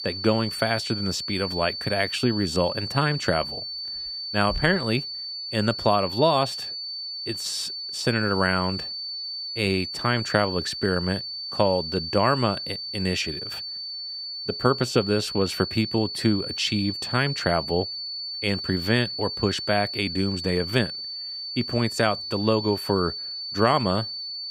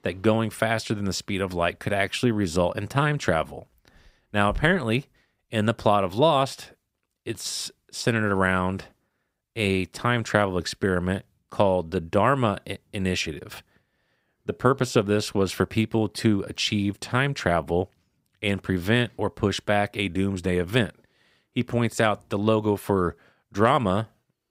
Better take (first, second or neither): second